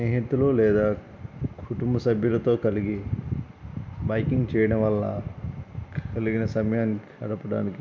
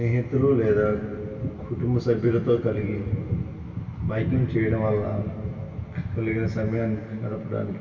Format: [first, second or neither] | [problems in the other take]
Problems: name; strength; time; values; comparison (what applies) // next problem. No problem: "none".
first | room echo; dies away in 2.4 s